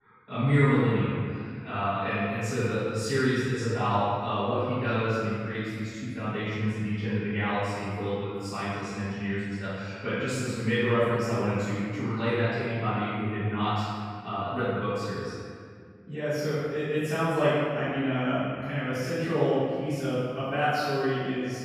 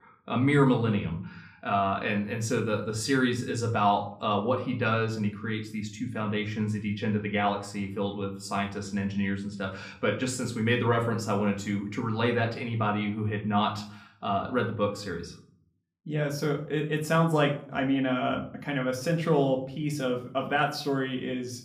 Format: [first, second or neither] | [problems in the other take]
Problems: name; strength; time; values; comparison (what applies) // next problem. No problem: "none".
second | room echo; strong; dies away in 2 s; slight in the second // off-mic speech; far; somewhat distant in the second